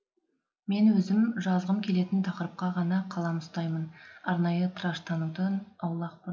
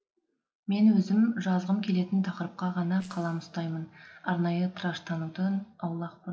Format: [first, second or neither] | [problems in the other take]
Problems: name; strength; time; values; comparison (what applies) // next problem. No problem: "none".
first | noise reduction (neural separator model SepFormer DNS4)